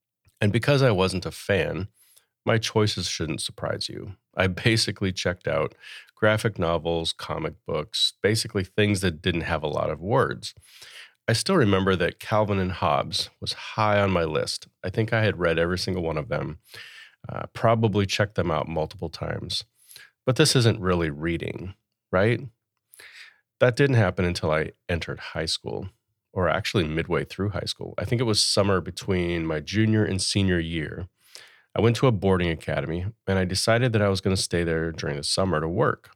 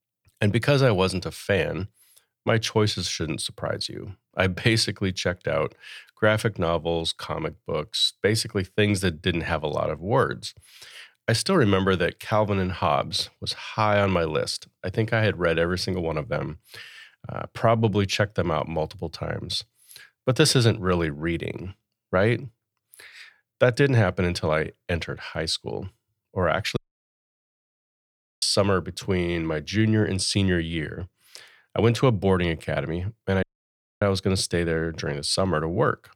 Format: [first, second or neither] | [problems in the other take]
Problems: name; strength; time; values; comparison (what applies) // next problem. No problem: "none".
first | audio cutting out; at 27 s for 1.5 s and at 33 s for 0.5 s